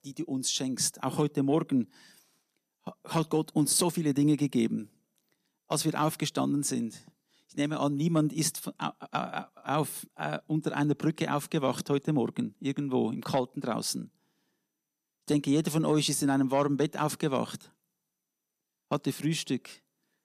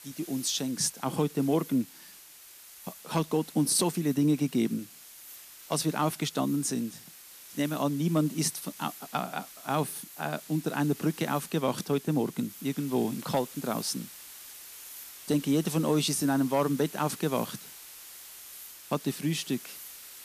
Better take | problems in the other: first | hiss; noticeable; throughout; 15 dB below the speech

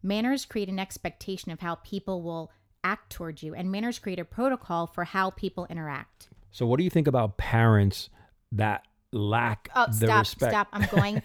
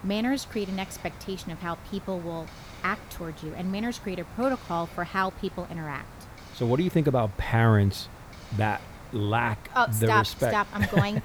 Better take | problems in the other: first | hiss; noticeable; throughout; 20 dB below the speech

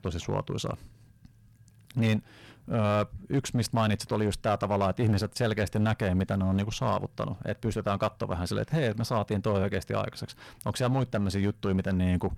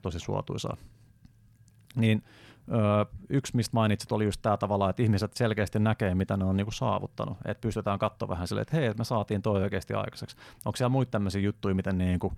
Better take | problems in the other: second | distortion; slight; 6% of the sound clipped

